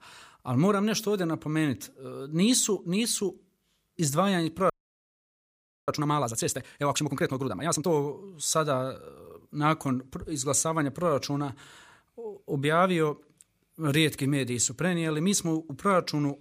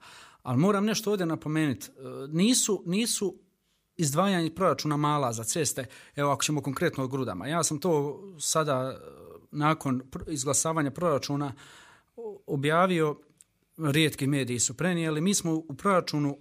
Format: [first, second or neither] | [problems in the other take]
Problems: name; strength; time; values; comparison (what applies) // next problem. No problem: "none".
second | audio freezing; at 4.5 s for 1 s